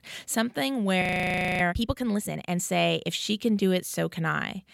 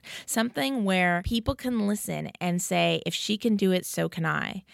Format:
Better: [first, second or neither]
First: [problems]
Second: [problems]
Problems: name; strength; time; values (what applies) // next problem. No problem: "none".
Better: second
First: audio freezing; at 1 s for 0.5 s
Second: none